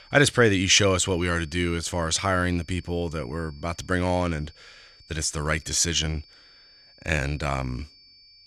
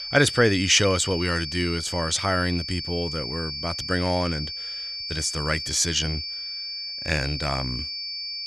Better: first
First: high-pitched whine; faint; throughout; 4.5 kHz, 25 dB below the speech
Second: high-pitched whine; loud; throughout; 4.5 kHz, 6 dB below the speech

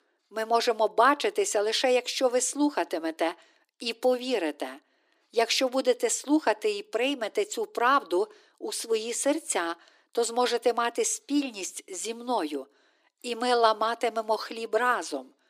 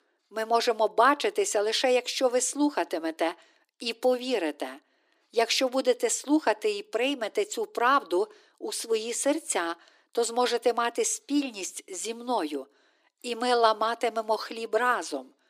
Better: neither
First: thin; somewhat; fading below 300 Hz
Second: thin; somewhat; fading below 300 Hz

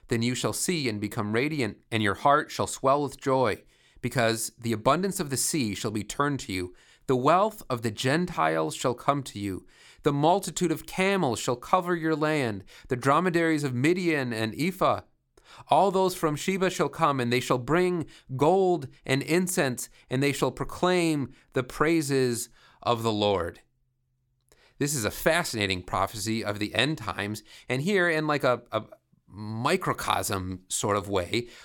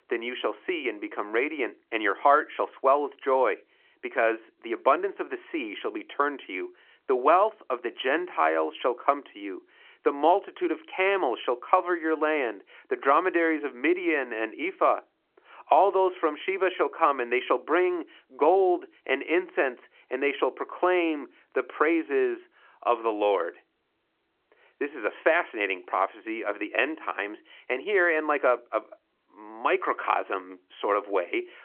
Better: first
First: none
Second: phone-call audio

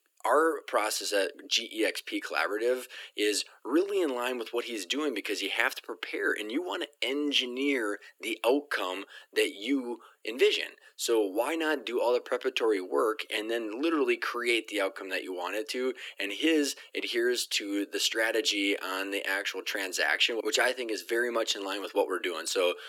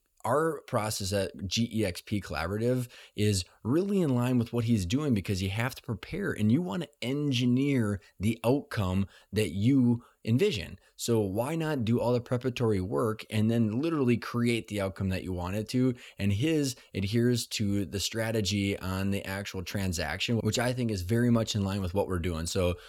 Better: second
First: thin; very; fading below 300 Hz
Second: none

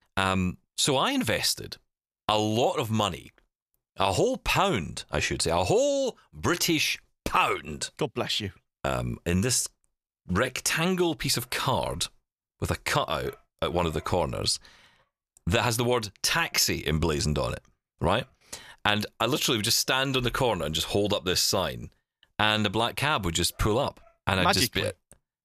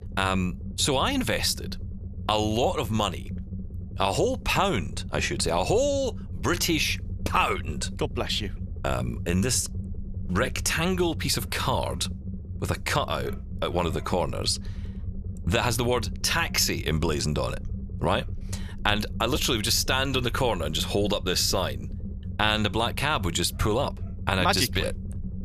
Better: first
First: none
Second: low rumble; faint; throughout; 20 dB below the speech

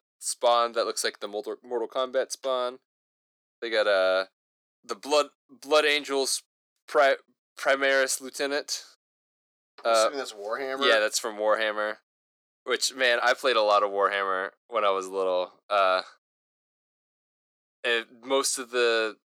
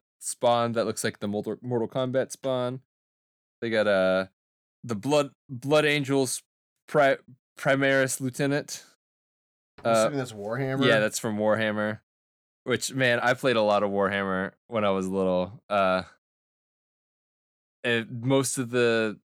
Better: second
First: thin; somewhat; fading below 350 Hz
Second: none

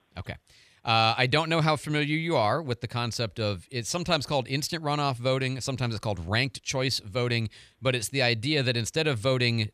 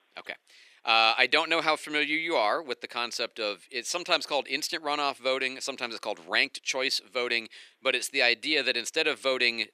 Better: first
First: none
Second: thin; very; fading below 300 Hz

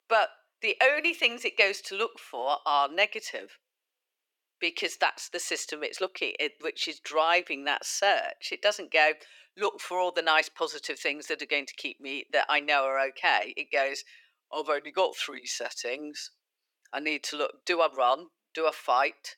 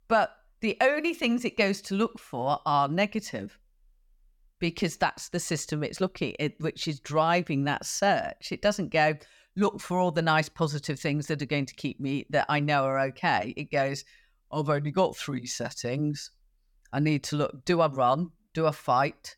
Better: second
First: thin; very; fading below 350 Hz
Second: none

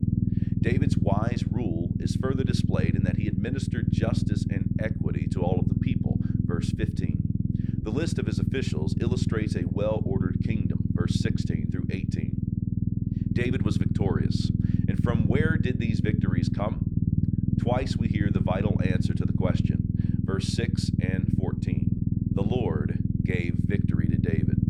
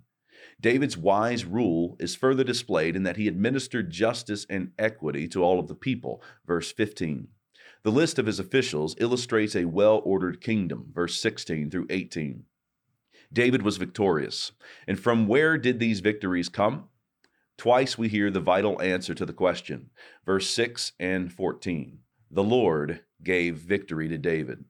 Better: second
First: low rumble; loud; throughout; 1 dB below the speech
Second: none

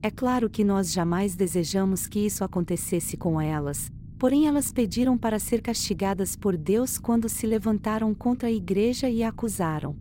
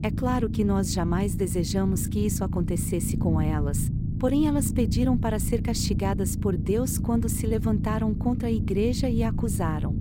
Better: first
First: low rumble; faint; throughout; 25 dB below the speech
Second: low rumble; loud; throughout; 8 dB below the speech

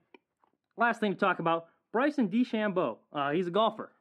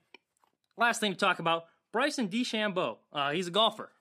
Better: second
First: muffled; very; fading above 3 kHz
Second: none

